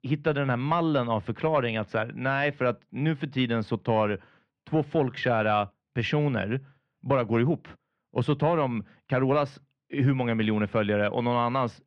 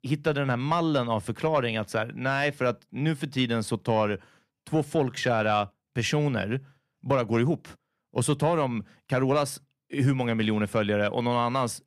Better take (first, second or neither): second